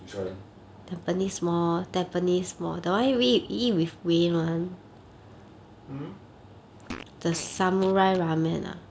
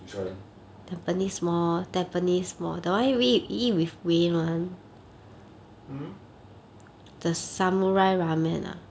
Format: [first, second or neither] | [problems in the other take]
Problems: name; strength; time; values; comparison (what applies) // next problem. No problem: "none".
second | background sound (Fart); 16 dB below the speech